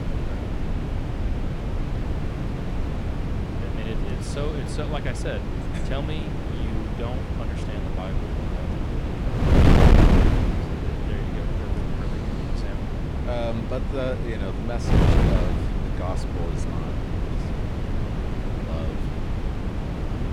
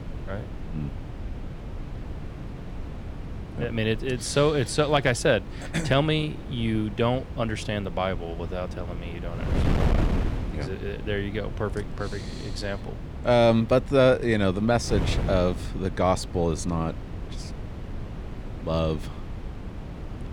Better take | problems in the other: second | wind noise on the microphone; heavy; 4 dB above the speech; occasional gusts in the second

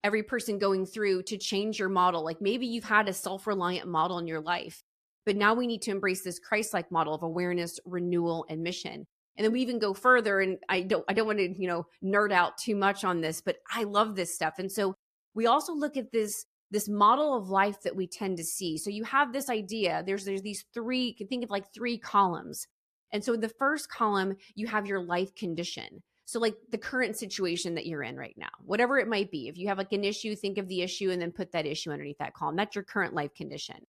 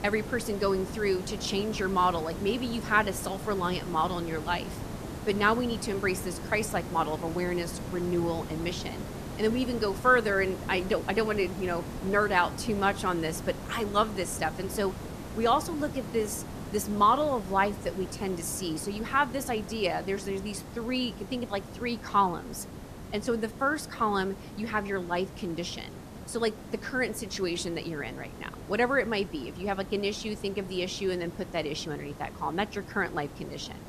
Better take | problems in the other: first | hiss; noticeable; throughout; 10 dB below the speech

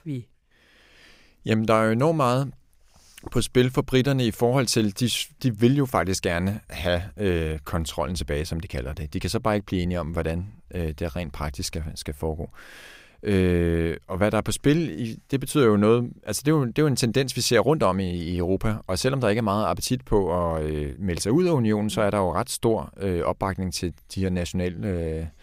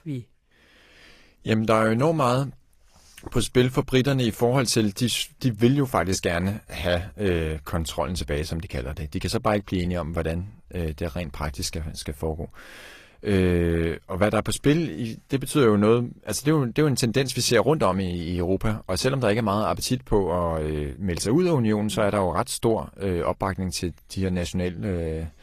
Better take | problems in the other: first | garbled, watery; slightly; nothing above 14.5 kHz

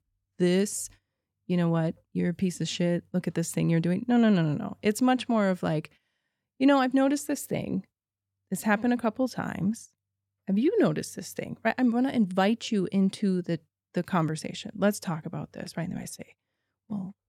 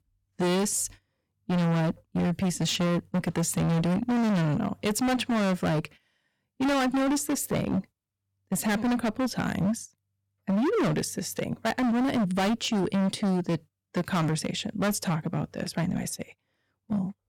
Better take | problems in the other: first | distortion; heavy; 23% of the sound clipped

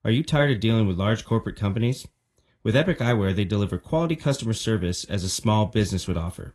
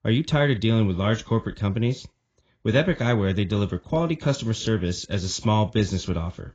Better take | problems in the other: first | garbled, watery; badly; nothing above 7.5 kHz; slightly in the first

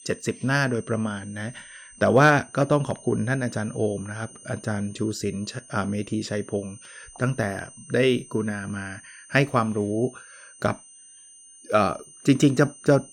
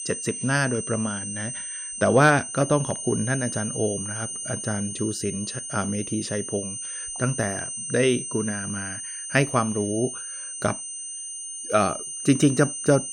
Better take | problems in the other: first | high-pitched whine; loud; throughout; 8.5 kHz, 6 dB below the speech; faint in the first

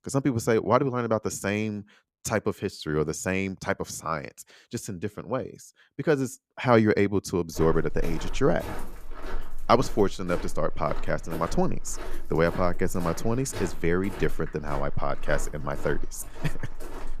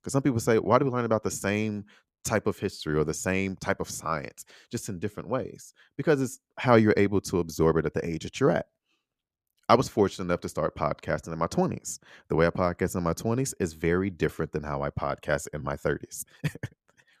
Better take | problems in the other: second | footsteps; noticeable; from 7.5 s on; peak 9 dB below the speech

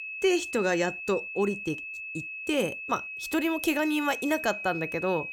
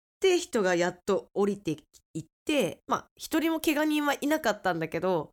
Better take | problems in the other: second | high-pitched whine; loud; throughout; 2.5 kHz, 6 dB below the speech

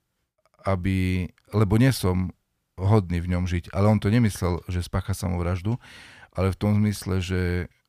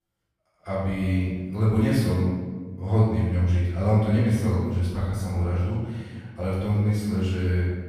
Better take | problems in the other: first | off-mic speech; far // room echo; strong; dies away in 1.4 s

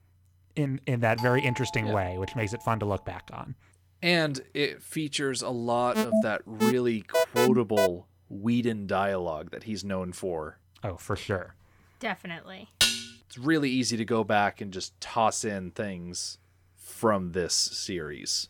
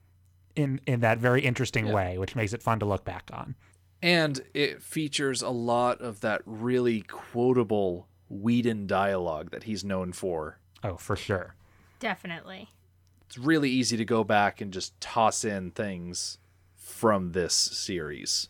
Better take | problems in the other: second | doorbell; noticeable; from 1 to 3 s; peak 7 dB below the speech // alarm; loud; from 6 to 8 s; peak 4 dB above the speech // clattering dishes; loud; at 13 s; peak 5 dB above the speech

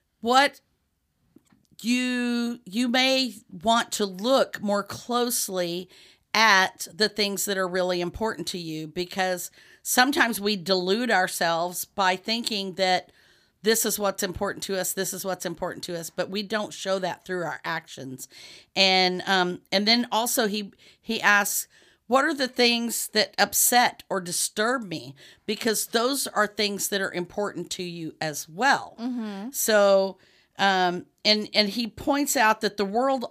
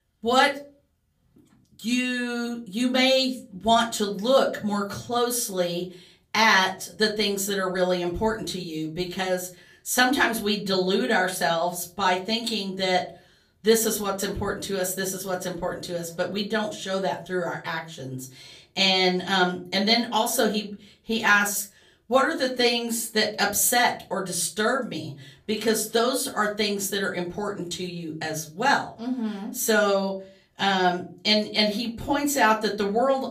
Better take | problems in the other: first | off-mic speech; far // room echo; very slight; dies away in 0.4 s

